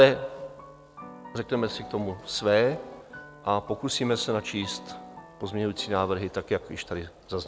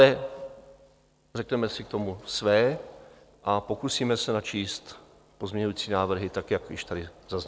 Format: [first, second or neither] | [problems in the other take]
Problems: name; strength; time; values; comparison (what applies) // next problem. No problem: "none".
second | background sound (Piano); 17 dB below the speech